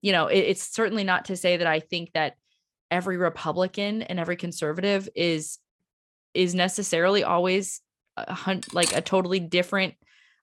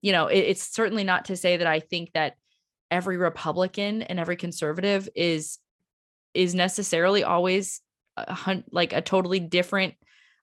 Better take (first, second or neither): second